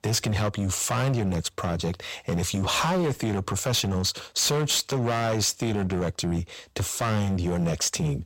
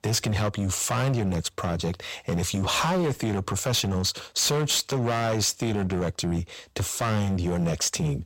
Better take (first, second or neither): neither